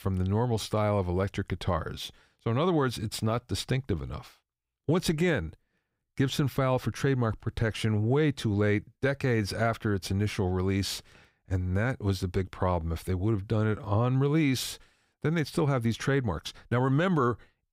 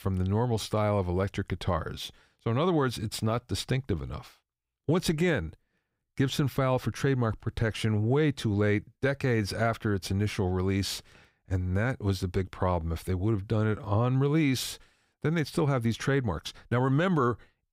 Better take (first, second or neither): neither